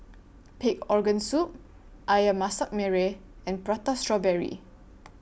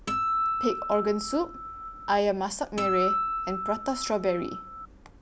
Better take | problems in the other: first | background sound (Acoustic guitar); 1 dB below the speech

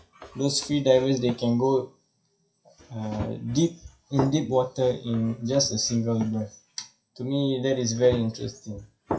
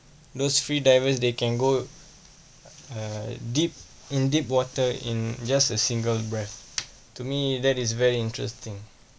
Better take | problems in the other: second | noise reduction (classical method WPE with log-MMSE)

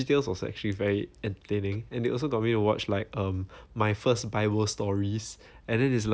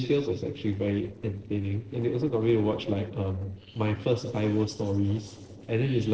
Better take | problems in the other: first | noise reduction (neural separator model SepFormer DNS4)

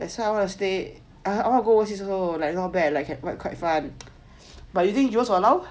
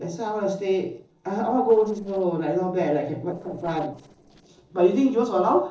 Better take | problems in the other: first | noise reduction (neural separator model SepFormer DNS4)

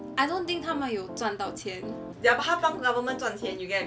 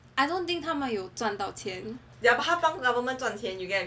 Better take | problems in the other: second | background sound (Piano); 13 dB below the speech

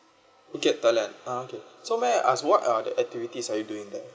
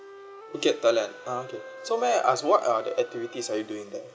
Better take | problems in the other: first | background sound (Wind instrument, woodwind instrument); 18 dB below the speech

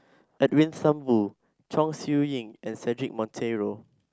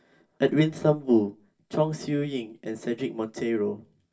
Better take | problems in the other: first | room echo; dies away in 0.1 s

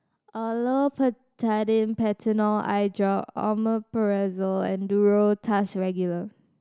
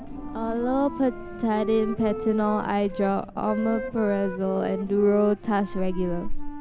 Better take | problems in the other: first | background sound (Wind + Wind instrument, woodwind instrument); 7 dB below the speech

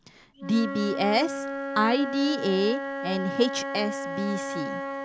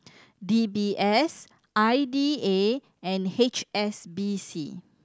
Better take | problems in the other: second | background sound (Wind instrument, woodwind instrument); 5 dB below the speech

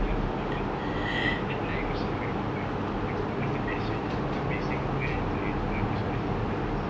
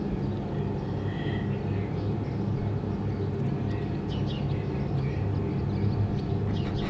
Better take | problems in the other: first | background sound (Bird vocalization, bird call, bird song); 14 dB below the speech // room echo; dies away in 0.6 s

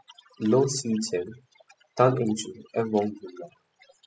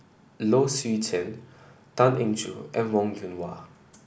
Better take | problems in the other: second | noise reduction (classical method spectral subtraction)

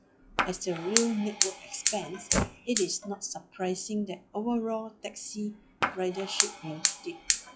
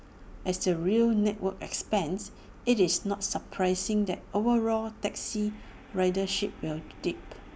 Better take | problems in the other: second | noise reduction (classical method log-MMSE)

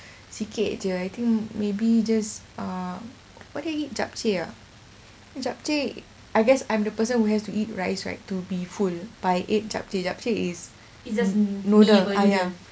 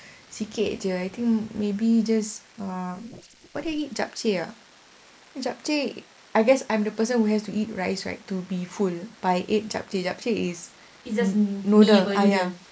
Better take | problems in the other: first | noise reduction (neural mask model Resemble Enhance denoiser)

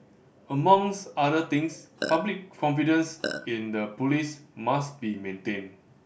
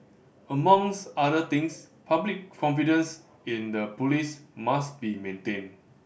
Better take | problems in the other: second | background sound (Burping, eructation); 6 dB below the speech

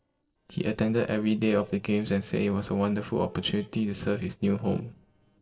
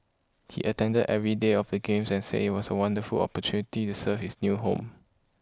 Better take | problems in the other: second | noise reduction (neural separator model SepFormer DNS4)

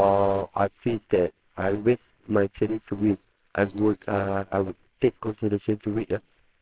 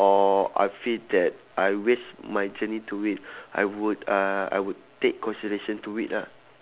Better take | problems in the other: second | noise reduction (neural separator model SepFormer WHAMR!)

